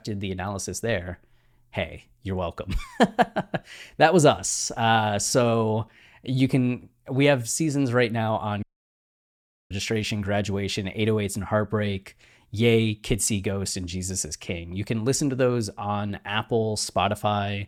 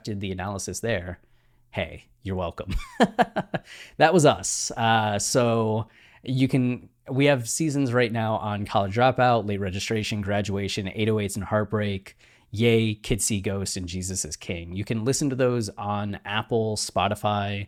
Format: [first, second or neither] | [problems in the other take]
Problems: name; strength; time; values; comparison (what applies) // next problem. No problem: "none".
second | audio cutting out; at 8.5 s for 1 s